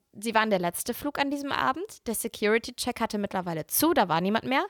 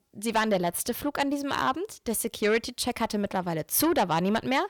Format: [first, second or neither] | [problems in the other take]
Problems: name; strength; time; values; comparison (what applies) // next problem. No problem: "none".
first | distortion; slight; 10 dB below the speech